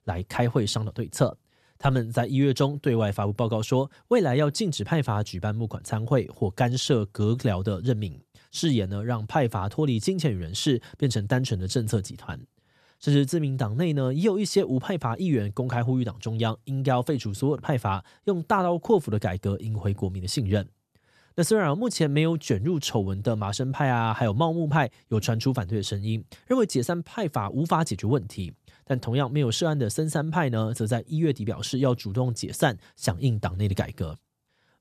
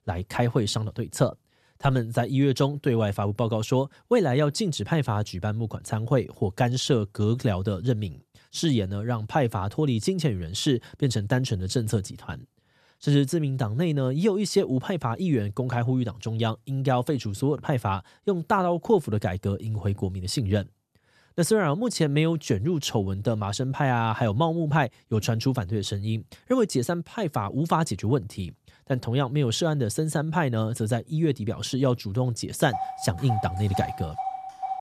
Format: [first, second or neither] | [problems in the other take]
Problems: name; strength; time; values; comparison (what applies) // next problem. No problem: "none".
first | phone ringing; noticeable; from 33 s on; peak 7 dB below the speech